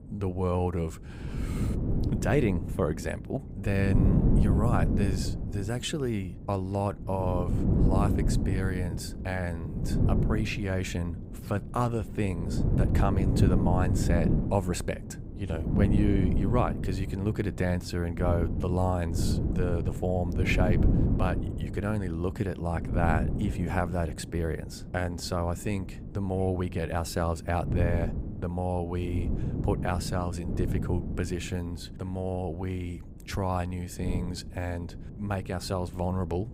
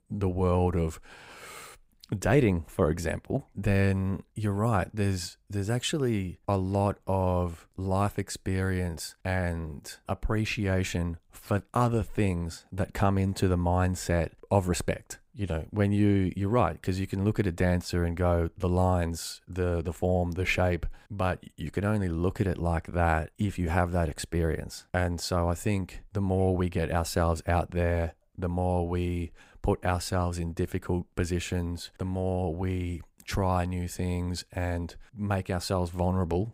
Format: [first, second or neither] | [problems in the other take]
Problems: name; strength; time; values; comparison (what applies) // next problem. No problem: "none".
second | wind noise on the microphone; heavy; 6 dB below the speech